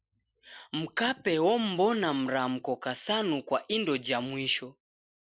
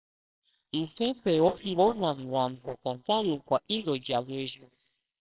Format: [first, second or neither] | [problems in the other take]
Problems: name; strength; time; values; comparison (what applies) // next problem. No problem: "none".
first | noise reduction (neural separator model SepFormer WHAMR!)